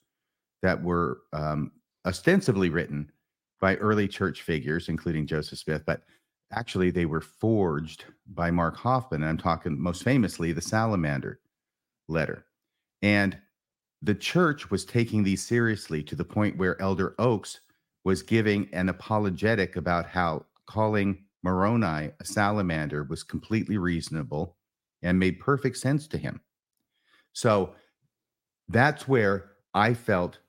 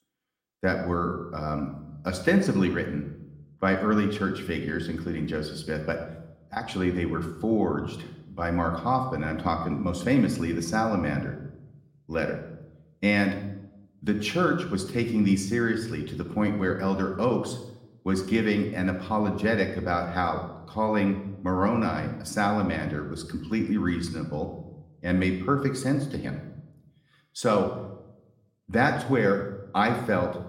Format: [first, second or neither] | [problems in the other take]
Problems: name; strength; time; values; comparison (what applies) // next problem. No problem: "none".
first | room echo; slight; dies away in 0.7 s